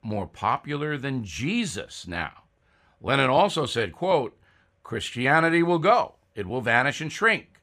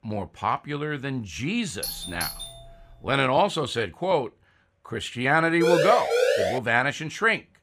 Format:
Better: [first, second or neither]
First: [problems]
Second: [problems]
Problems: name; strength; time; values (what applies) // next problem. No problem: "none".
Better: first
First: none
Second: doorbell; noticeable; from 2 to 3 s; peak 6 dB below the speech // siren; loud; at 5.5 s; peak 3 dB above the speech